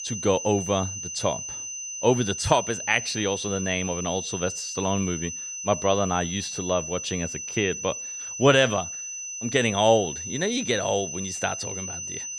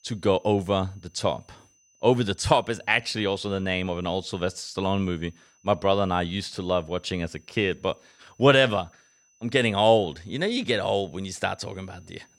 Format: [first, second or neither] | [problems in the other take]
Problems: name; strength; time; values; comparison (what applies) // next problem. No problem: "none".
second | high-pitched whine; loud; throughout; 6 kHz, 6 dB below the speech; faint in the second